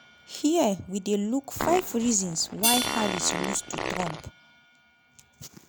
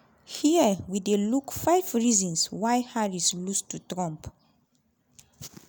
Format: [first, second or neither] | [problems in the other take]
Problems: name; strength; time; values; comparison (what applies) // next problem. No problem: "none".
second | background sound (Fart + Hi-hat); 5 dB below the speech